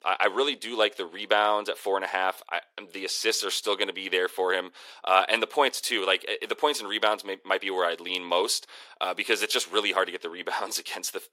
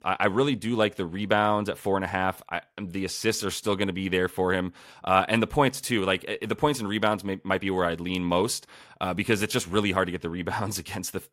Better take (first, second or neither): second